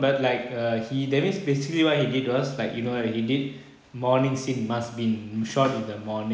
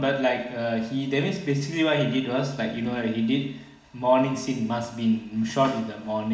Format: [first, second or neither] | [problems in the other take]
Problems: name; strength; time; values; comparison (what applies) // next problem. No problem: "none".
first | room echo; dies away in 0.4 s